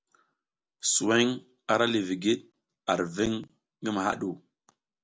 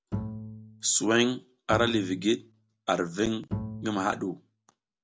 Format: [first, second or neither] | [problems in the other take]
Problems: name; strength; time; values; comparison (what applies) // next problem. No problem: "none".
first | background sound (Bowed string instrument); 10 dB below the speech